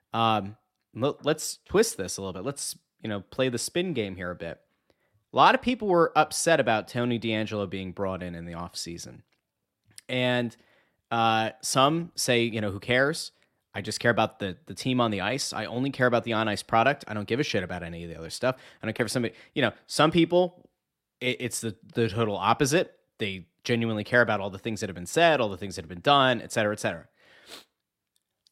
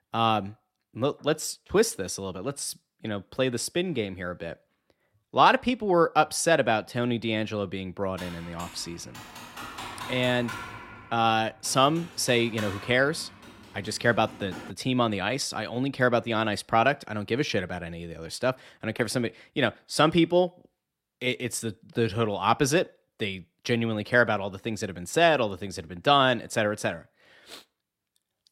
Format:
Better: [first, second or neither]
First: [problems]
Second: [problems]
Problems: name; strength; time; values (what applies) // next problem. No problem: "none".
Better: first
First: none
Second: keyboard typing; faint; from 8 to 15 s; peak 10 dB below the speech